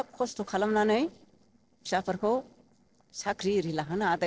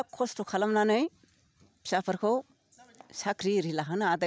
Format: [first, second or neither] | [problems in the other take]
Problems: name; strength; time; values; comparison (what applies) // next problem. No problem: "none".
second | noise reduction (neural separator model SepFormer DNS4)